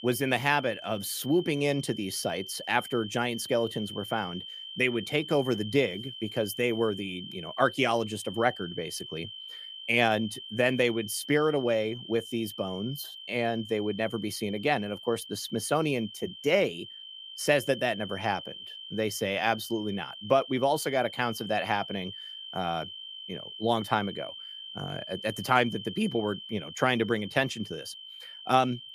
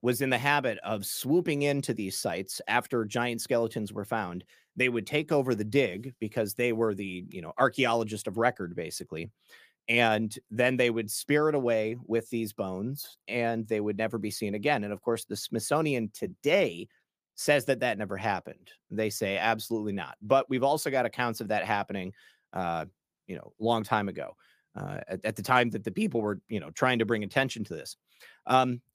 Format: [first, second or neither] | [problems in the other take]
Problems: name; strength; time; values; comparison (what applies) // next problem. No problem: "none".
second | high-pitched whine; noticeable; throughout; 3 kHz, 10 dB below the speech